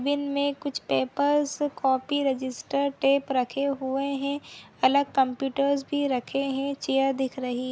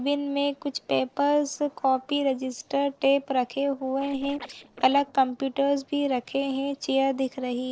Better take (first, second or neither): first